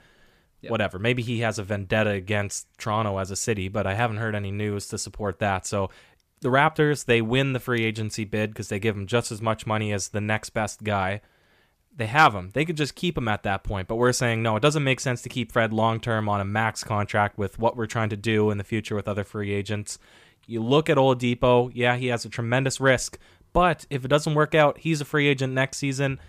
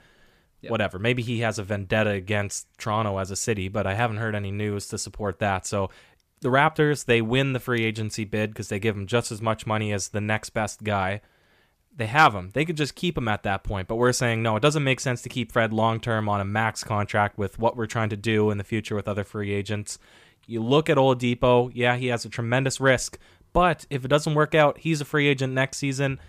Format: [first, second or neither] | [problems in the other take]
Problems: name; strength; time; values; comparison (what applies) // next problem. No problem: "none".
neither | none